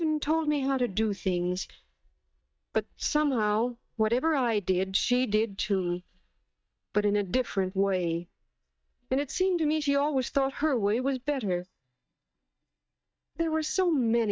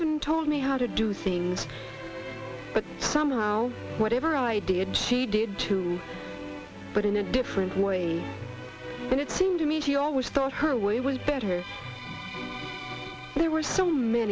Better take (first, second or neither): second